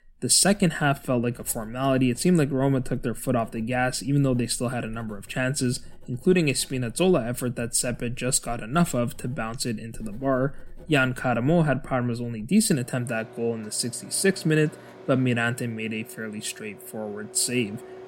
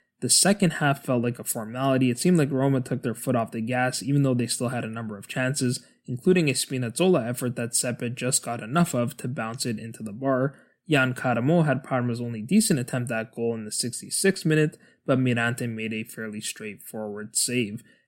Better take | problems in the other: second | household noises; faint; throughout; 25 dB below the speech

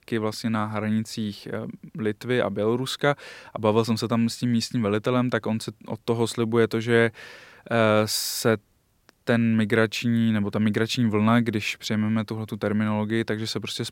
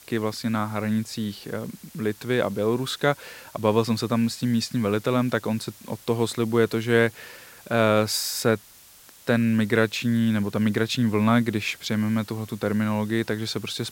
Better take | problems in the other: first | hiss; faint; throughout; 25 dB below the speech

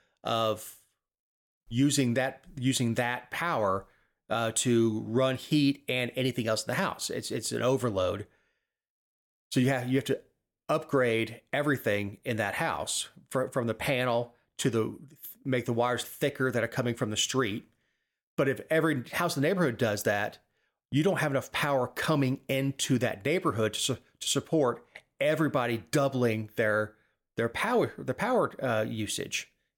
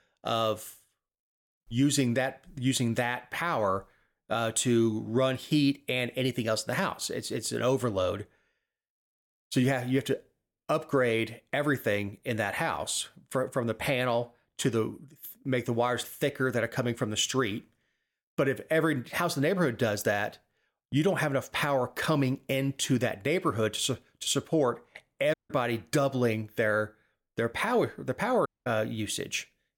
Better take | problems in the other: first | audio cutting out; at 25 s and at 28 s

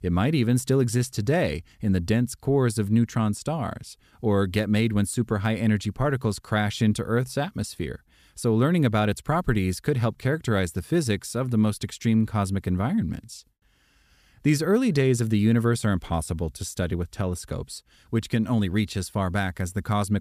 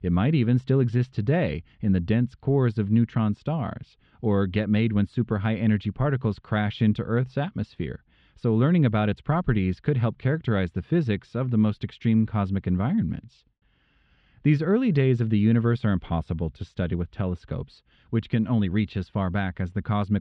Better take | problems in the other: first | muffled; slightly; fading above 3 kHz

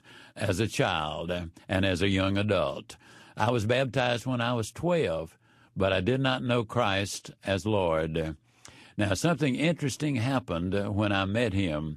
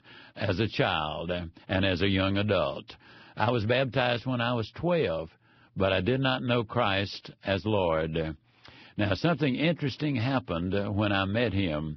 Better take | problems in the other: first | garbled, watery; badly; nothing above 5.5 kHz; slightly in the first

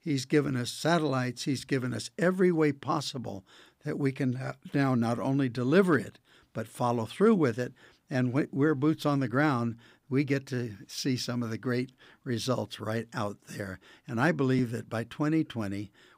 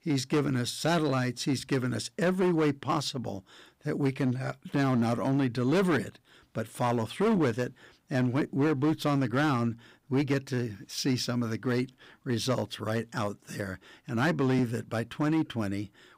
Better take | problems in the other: first | distortion; slight; 8% of the sound clipped

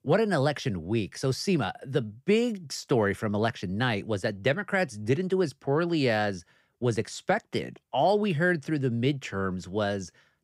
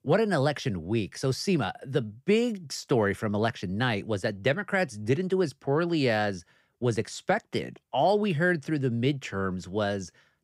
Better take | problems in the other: neither | none

